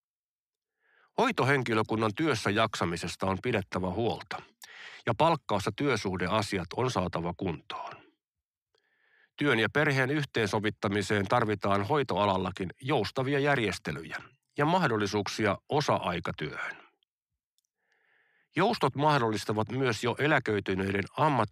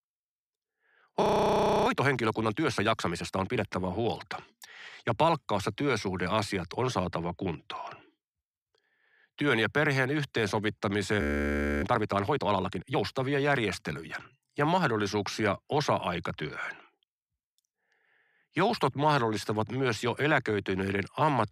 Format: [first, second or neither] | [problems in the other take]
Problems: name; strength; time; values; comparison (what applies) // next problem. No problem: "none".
first | audio freezing; at 1 s for 0.5 s and at 11 s for 0.5 s